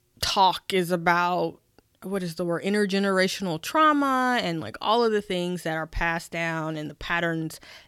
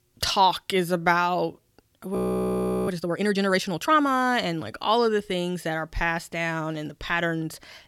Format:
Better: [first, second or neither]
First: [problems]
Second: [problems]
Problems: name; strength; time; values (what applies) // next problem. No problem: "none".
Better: first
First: none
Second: audio freezing; at 2 s for 0.5 s